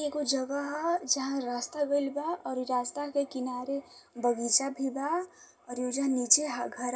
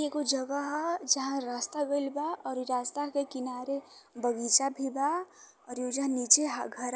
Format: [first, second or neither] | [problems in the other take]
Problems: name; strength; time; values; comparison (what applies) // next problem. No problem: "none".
second | room echo; dies away in 0.4 s